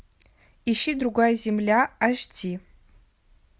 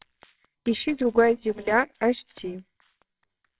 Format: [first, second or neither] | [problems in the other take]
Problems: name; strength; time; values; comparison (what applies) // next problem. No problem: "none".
first | noise reduction (neural separator model SepFormer WHAMR!)